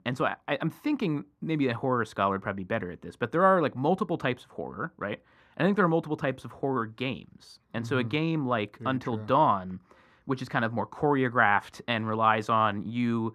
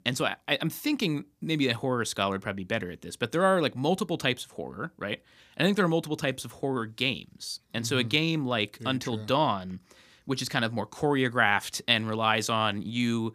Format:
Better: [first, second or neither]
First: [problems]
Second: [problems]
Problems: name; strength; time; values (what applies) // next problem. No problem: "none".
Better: second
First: muffled; very; fading above 3 kHz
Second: none